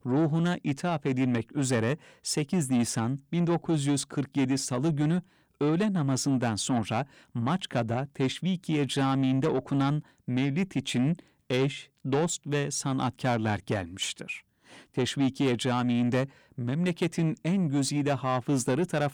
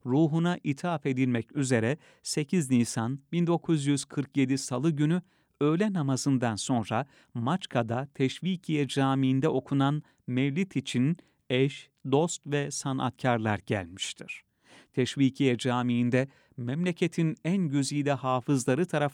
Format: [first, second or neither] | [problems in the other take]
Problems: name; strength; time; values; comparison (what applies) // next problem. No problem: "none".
second | distortion; slight; 10 dB below the speech